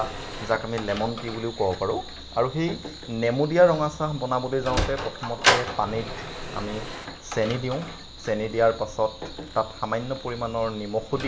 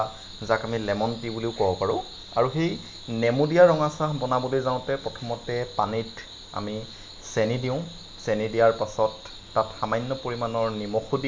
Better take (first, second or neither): second